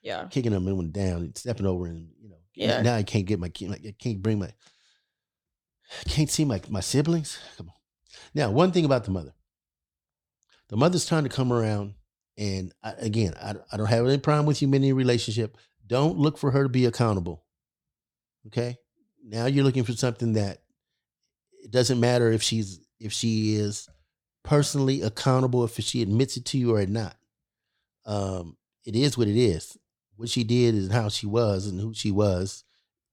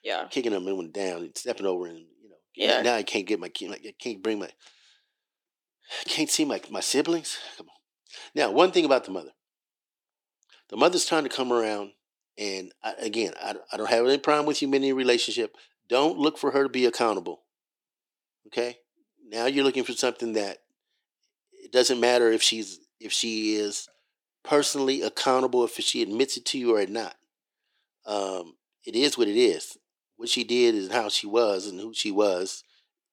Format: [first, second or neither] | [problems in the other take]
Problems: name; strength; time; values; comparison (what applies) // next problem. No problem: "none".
first | thin; somewhat; fading below 300 Hz